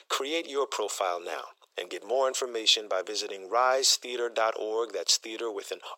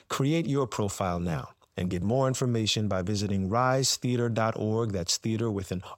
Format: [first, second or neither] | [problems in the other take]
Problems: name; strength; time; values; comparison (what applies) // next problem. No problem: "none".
second | thin; very; fading below 400 Hz